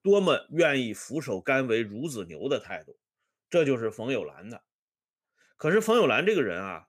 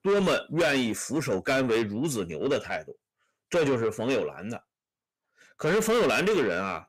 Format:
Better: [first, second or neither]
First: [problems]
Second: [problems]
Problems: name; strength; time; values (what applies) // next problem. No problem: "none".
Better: first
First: none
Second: distortion; heavy; 7 dB below the speech